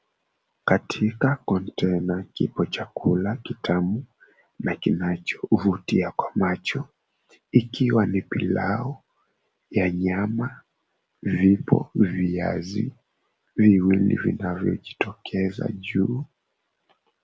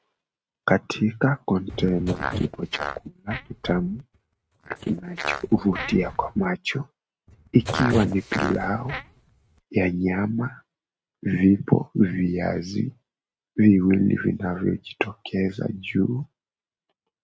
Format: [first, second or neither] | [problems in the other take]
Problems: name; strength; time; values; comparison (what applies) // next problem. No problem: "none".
first | noise reduction (neural mask model RNNoise)